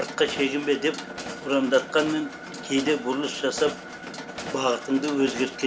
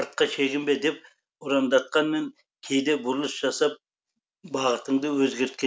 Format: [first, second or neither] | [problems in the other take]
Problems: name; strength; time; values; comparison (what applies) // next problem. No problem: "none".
second | background sound (Mechanisms); 11 dB below the speech